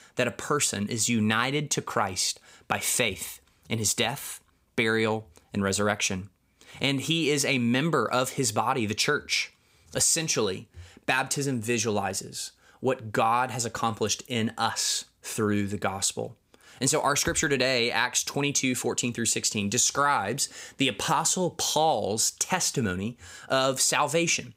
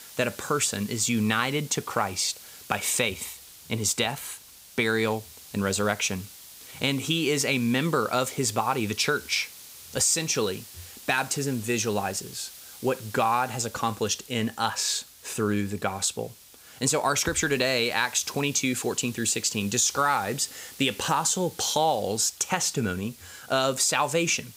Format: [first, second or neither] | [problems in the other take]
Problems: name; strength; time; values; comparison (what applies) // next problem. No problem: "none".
first | hiss; noticeable; throughout; 20 dB below the speech